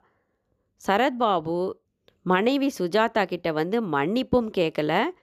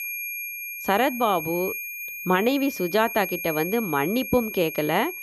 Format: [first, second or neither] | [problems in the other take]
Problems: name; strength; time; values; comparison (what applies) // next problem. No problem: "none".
first | high-pitched whine; loud; throughout; 2.5 kHz, 7 dB below the speech